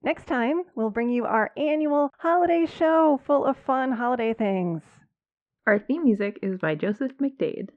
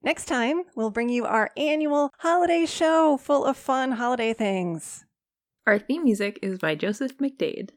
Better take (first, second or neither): second